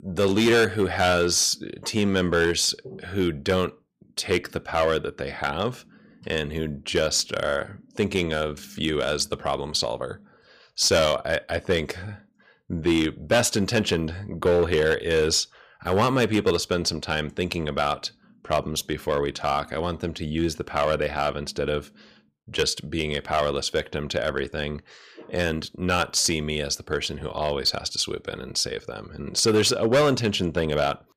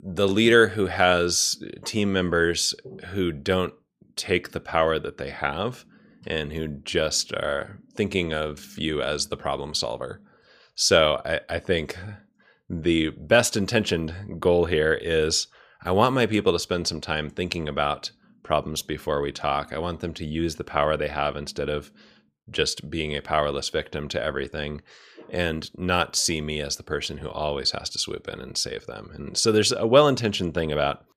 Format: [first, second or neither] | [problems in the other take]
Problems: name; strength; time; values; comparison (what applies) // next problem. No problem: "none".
second | distortion; slight; 3% of the sound clipped